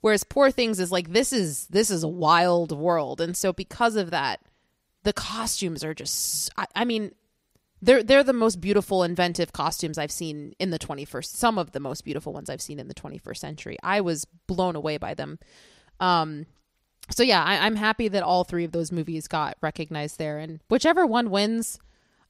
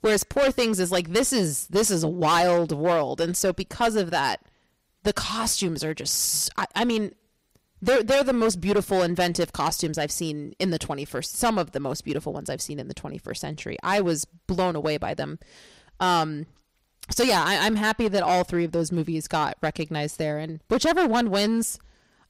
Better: first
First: none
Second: distortion; heavy; 8% of the sound clipped

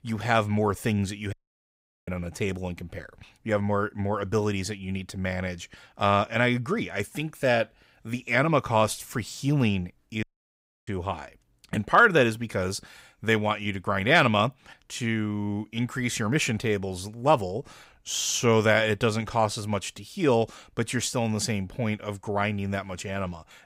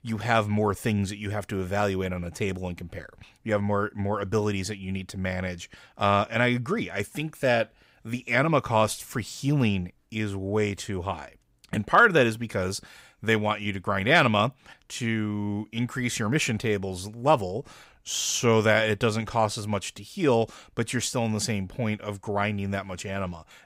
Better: second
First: audio cutting out; at 1.5 s for 0.5 s and at 10 s for 0.5 s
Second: none

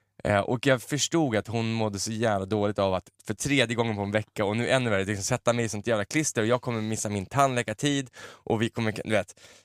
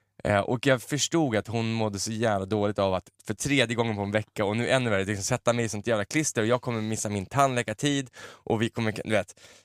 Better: neither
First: none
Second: none

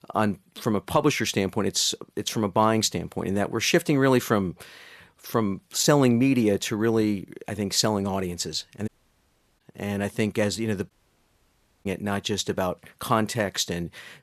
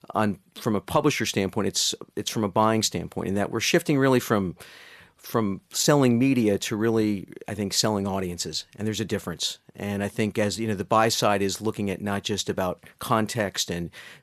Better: second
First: audio cutting out; at 9 s for 0.5 s and at 11 s for 1 s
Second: none

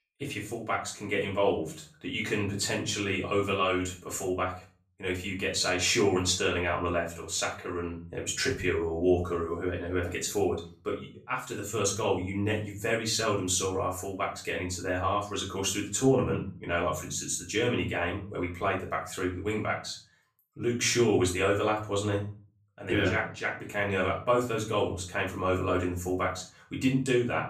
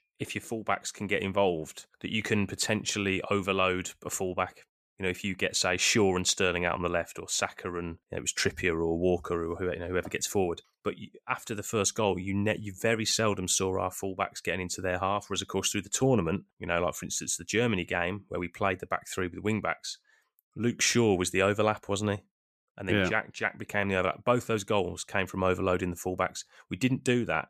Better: second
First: room echo; slight; dies away in 0.4 s // off-mic speech; far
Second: none

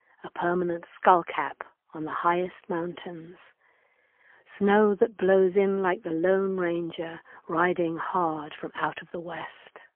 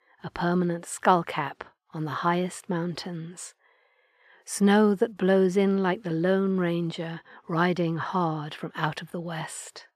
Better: second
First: phone-call audio; poor line; nothing above 3.5 kHz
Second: none

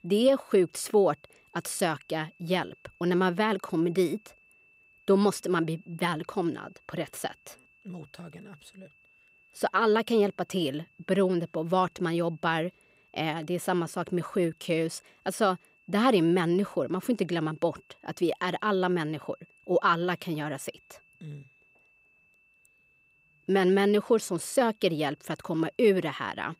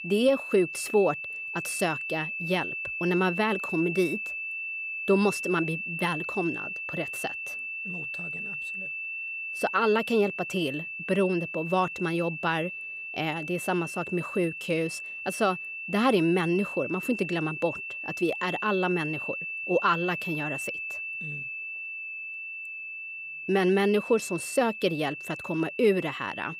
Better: first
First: high-pitched whine; faint; throughout; 2.5 kHz, 35 dB below the speech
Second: high-pitched whine; loud; throughout; 2.5 kHz, 5 dB below the speech

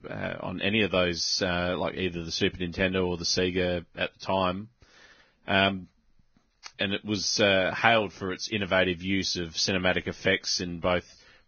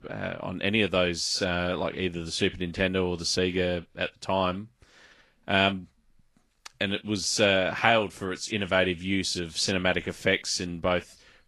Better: second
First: garbled, watery; badly; nothing above 6.5 kHz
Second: garbled, watery; slightly; nothing above 11.5 kHz

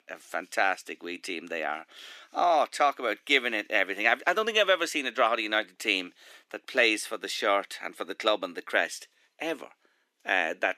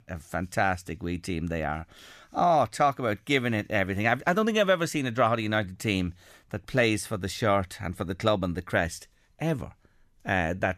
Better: second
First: thin; somewhat; fading below 300 Hz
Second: none

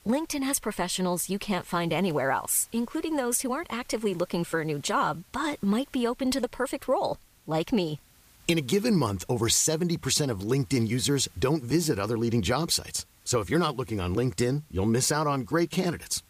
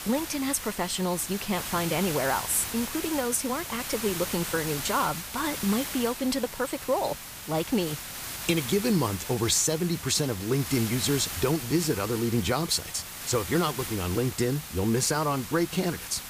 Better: first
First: hiss; faint; throughout; 30 dB below the speech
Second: hiss; loud; throughout; 7 dB below the speech

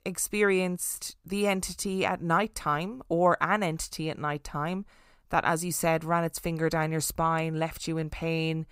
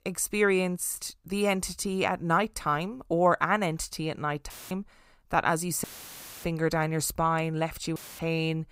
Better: first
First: none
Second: audio cutting out; filled with static; at 4.5 s, at 6 s for 0.5 s and at 8 s

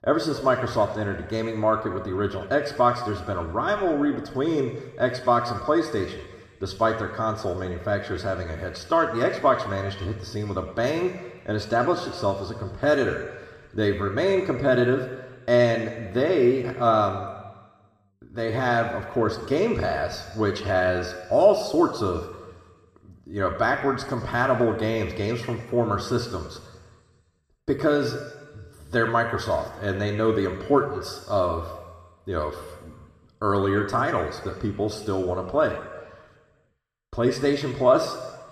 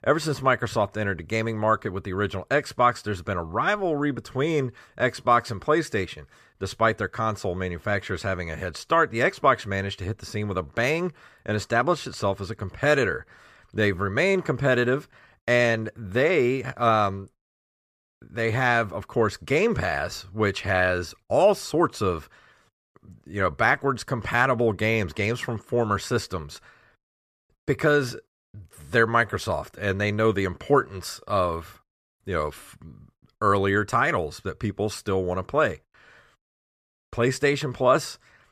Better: second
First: room echo; noticeable; dies away in 1.2 s // off-mic speech; somewhat distant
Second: none

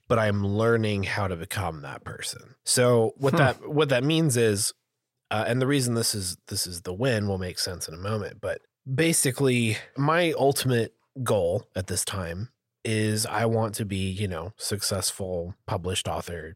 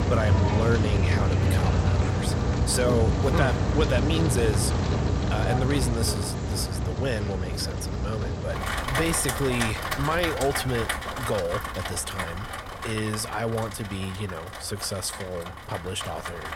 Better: first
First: none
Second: rain or running water; very loud; throughout; 2 dB above the speech

